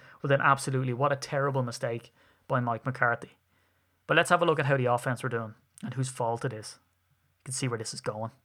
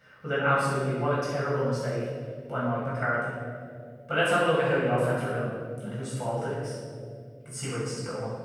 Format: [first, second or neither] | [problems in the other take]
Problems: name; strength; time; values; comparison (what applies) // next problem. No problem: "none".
first | off-mic speech; far // room echo; strong; dies away in 2.1 s